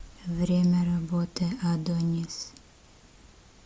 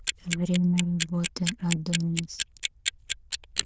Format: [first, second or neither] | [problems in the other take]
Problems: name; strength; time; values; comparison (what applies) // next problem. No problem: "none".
first | noise reduction (neural diffusion model UNIVERSE++)